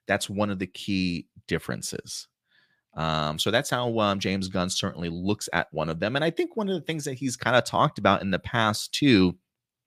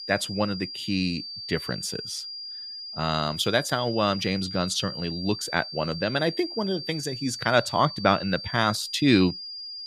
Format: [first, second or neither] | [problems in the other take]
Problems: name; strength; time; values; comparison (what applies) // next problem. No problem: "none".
first | high-pitched whine; loud; throughout; 4.5 kHz, 9 dB below the speech